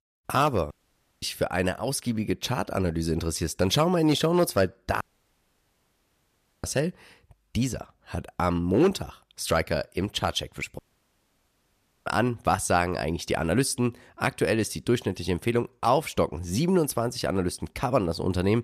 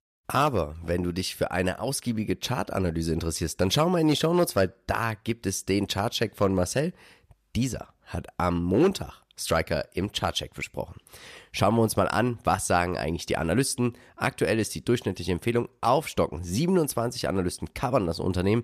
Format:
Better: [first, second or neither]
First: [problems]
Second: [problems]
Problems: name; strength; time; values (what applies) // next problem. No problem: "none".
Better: second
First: audio cutting out; at 0.5 s for 0.5 s, at 5 s for 1.5 s and at 11 s for 1.5 s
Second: none